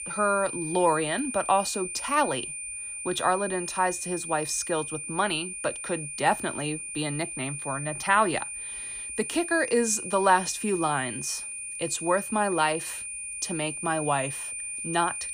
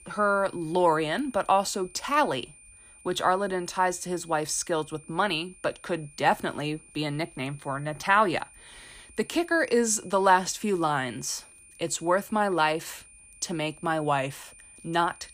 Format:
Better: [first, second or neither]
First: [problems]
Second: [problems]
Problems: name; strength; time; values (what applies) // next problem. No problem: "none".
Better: second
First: high-pitched whine; loud; throughout; 9 kHz, 6 dB below the speech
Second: high-pitched whine; faint; throughout; 9 kHz, 25 dB below the speech